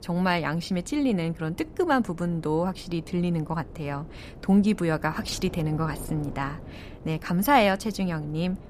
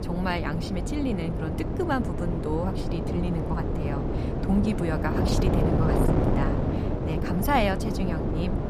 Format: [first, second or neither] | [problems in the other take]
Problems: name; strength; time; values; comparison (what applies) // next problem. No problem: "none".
first | wind noise on the microphone; heavy; 1 dB below the speech; occasional gusts in the first